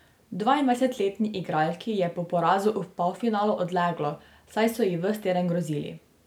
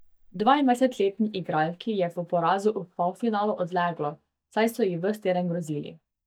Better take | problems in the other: first | noise reduction (neural mask model DeepFilterNet 3)

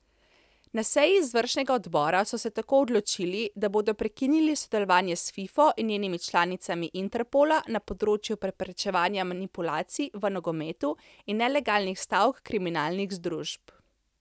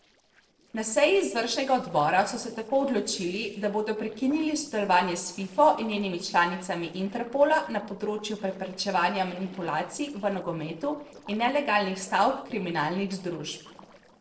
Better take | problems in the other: first | noise reduction (neural separator model SepFormer DNS4)

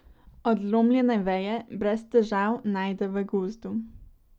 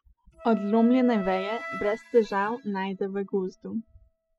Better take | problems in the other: first | noise reduction (classical method spectral subtraction)

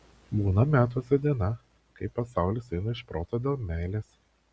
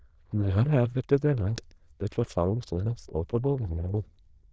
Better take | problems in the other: first | noise reduction (neural diffusion model UNIVERSE++)

